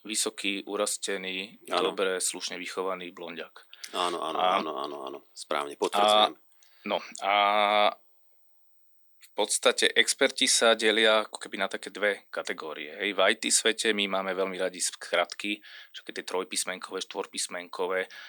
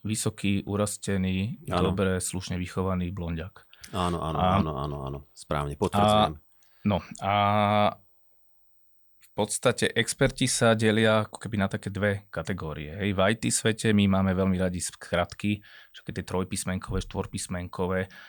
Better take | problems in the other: second | thin; somewhat; fading below 300 Hz

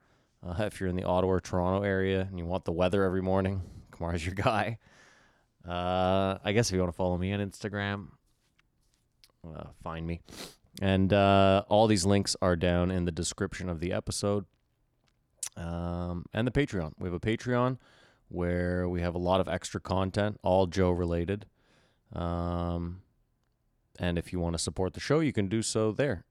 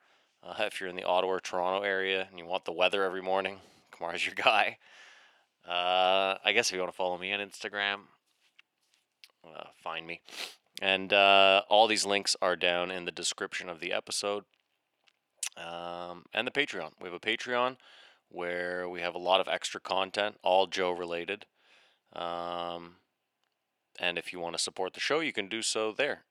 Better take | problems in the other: first | thin; very; fading below 450 Hz

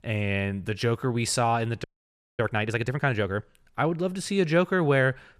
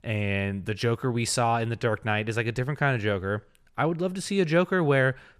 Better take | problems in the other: second | audio freezing; at 2 s for 0.5 s

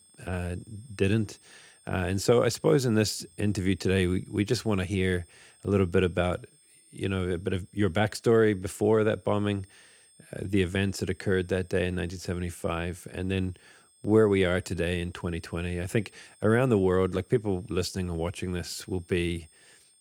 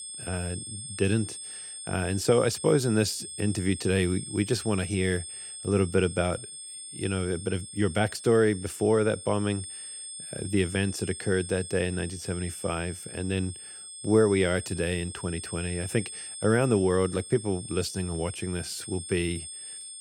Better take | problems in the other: first | high-pitched whine; loud; throughout; 8.5 kHz, 10 dB below the speech; faint in the first

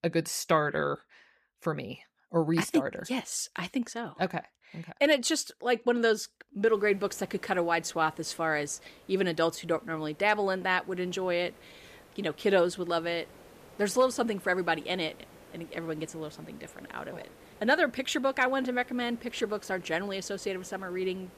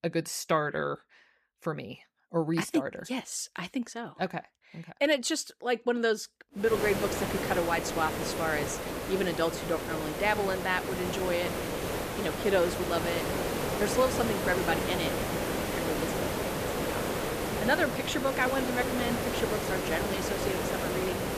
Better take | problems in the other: first | hiss; loud; from 6.5 s on; 1 dB below the speech; faint in the first

